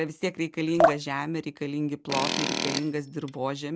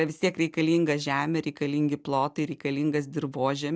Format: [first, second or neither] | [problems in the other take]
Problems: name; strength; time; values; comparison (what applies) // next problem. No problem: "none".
second | background sound (Drip + Tools); 1 dB above the speech